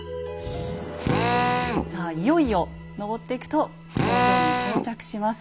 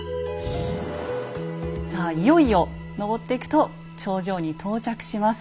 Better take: second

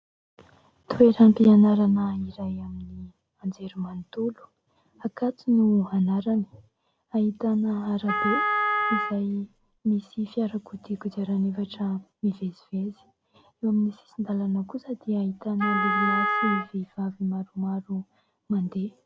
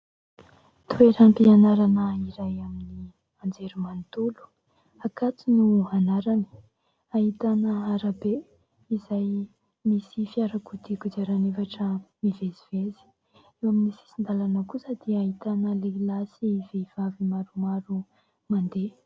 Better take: second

